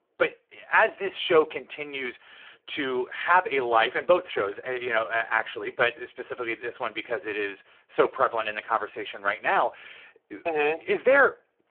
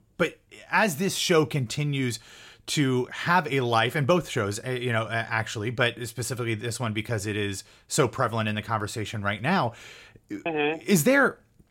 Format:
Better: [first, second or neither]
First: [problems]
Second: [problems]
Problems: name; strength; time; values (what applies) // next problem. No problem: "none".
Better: second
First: phone-call audio; poor line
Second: none